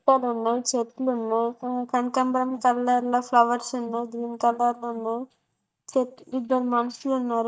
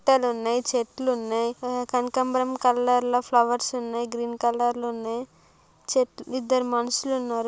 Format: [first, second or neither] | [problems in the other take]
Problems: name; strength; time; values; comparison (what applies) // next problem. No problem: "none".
second | noise reduction (neural mask model DeepFilterNet 3)